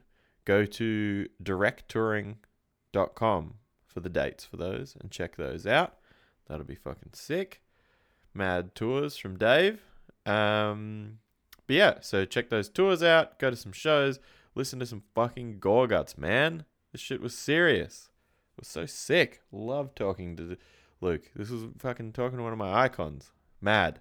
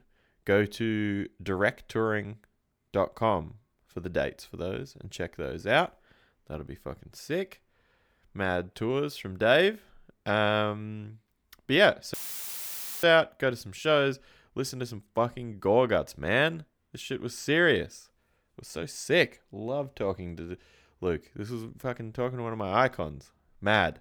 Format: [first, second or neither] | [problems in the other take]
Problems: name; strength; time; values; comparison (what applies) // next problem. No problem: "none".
first | audio cutting out; filled with static; at 12 s for 1 s